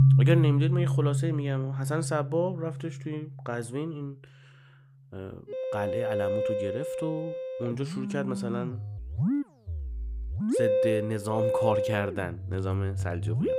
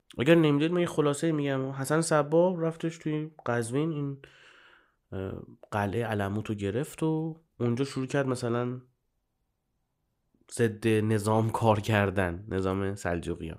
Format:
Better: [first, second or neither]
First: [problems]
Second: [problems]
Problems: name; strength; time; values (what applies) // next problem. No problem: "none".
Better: second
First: background music; very loud; throughout; 3 dB above the speech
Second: none